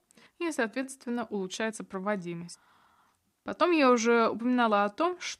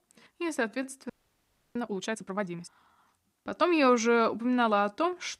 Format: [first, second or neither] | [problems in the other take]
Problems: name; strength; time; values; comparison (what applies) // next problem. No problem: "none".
first | audio freezing; at 1 s for 0.5 s